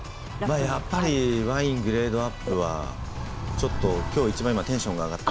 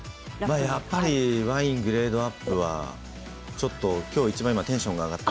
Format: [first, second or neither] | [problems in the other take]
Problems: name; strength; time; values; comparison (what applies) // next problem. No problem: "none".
second | background sound (Animal); 7 dB below the speech